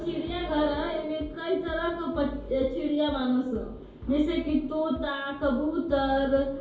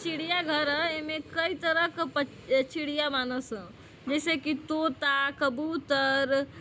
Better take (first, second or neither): second